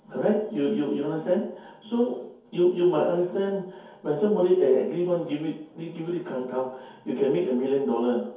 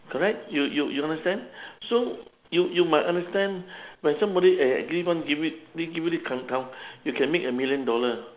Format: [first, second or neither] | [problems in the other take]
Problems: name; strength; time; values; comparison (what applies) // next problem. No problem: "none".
second | room echo; dies away in 0.6 s